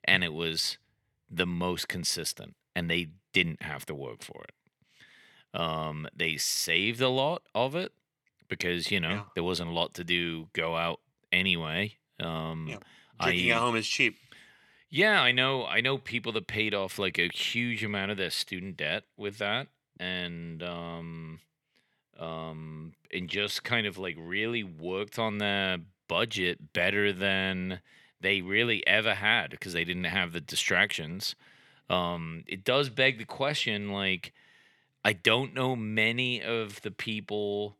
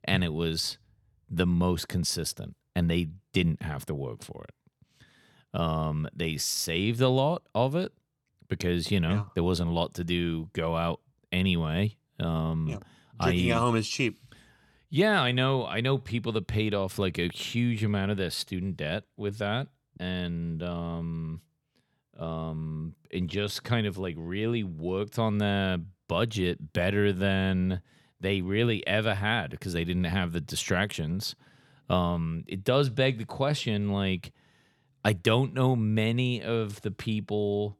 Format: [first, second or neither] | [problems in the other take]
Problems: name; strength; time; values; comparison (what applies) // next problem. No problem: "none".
second | thin; somewhat; fading below 350 Hz